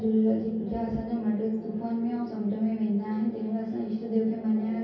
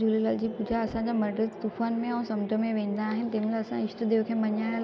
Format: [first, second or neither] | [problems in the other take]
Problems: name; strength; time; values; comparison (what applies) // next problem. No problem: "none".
second | room echo; dies away in 0.6 s